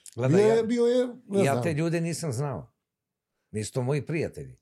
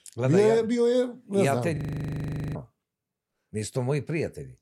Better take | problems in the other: first | audio freezing; at 2 s for 1 s

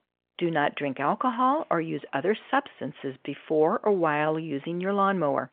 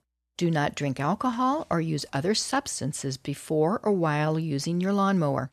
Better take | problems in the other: second | phone-call audio

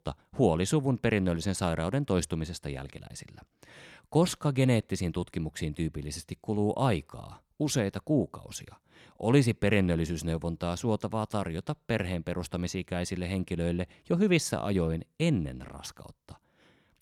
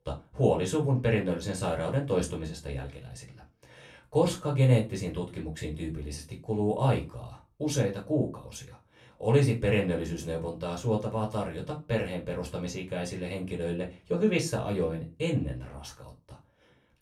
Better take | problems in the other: first | off-mic speech; far // room echo; very slight; dies away in 0.2 s

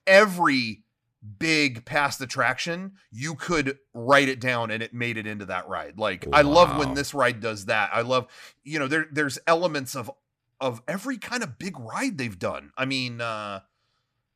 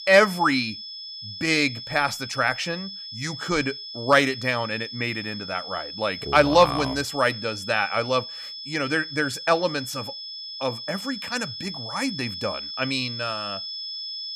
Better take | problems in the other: first | high-pitched whine; loud; throughout; 5 kHz, 9 dB below the speech

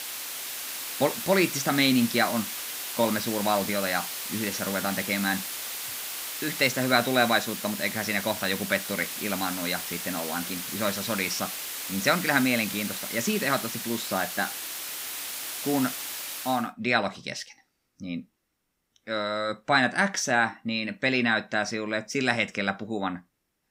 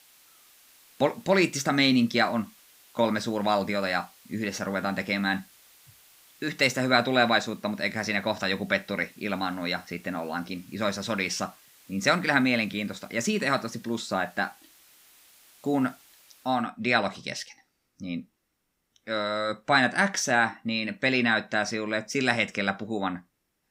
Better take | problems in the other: second | hiss; loud; until 17 s; 5 dB below the speech; faint in the second

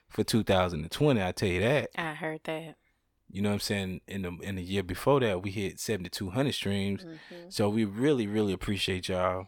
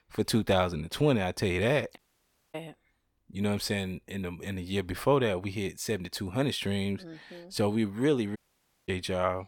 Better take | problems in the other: first | audio cutting out; at 2 s for 0.5 s and at 8.5 s for 0.5 s

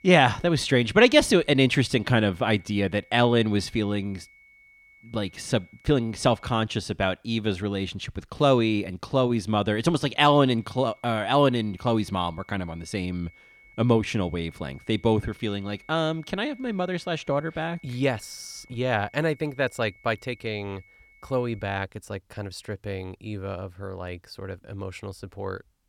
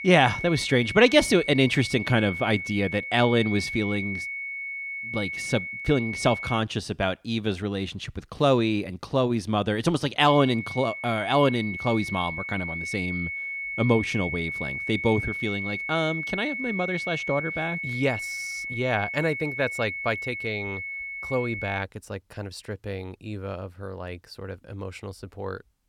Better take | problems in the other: first | high-pitched whine; loud; until 6.5 s and from 10 to 22 s; 2 kHz, 6 dB below the speech; faint in the first

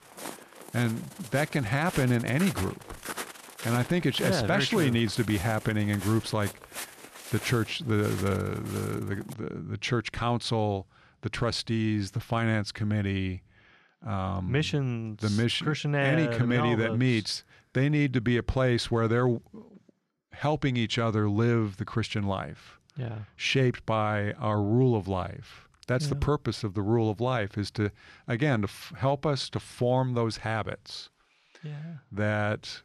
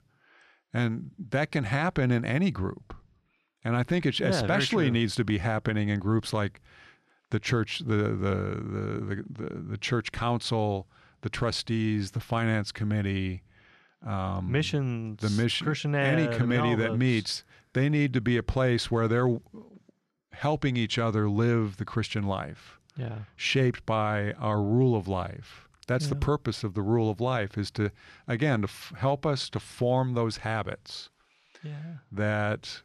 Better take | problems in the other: second | footsteps; noticeable; until 9.5 s; peak 7 dB below the speech

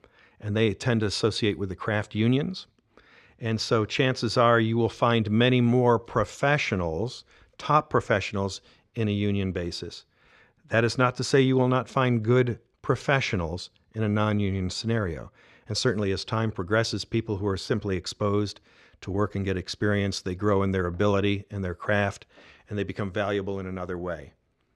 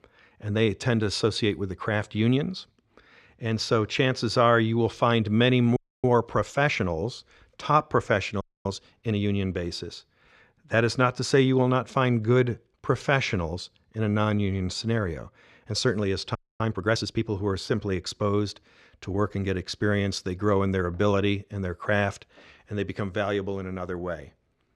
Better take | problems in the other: first | audio freezing; at 6 s, at 8.5 s and at 16 s

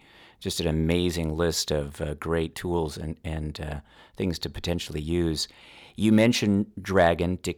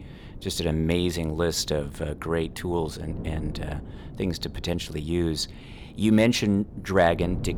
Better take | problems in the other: first | wind noise on the microphone; occasional gusts; 20 dB below the speech

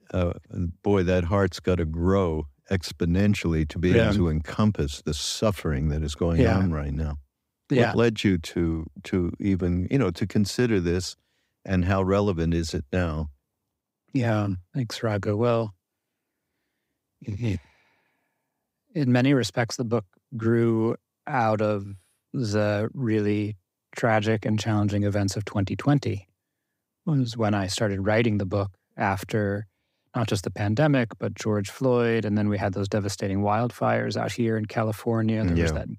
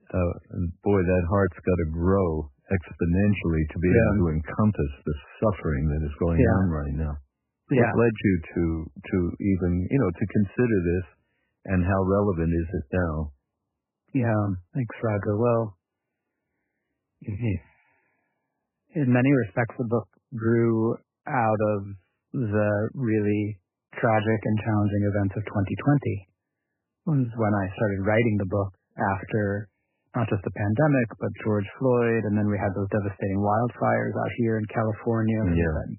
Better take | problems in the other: first | garbled, watery; badly; nothing above 3 kHz

